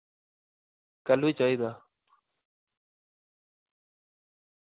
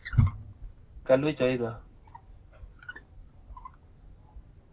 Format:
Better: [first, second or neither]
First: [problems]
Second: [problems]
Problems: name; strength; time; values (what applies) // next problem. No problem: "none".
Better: first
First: none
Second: background sound (Wild animals); 2 dB below the speech // room echo; dies away in 0.4 s